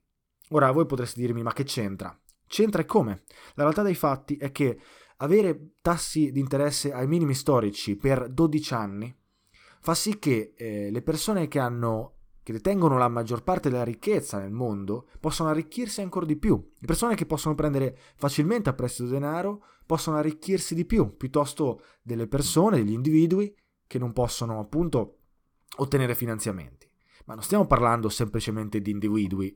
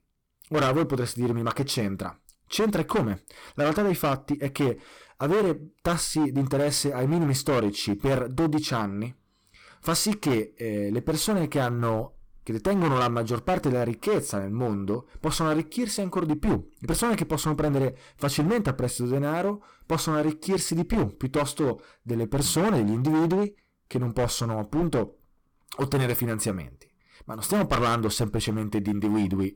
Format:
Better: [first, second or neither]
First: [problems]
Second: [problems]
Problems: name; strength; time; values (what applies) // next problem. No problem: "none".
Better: first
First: none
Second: distortion; heavy; 12% of the sound clipped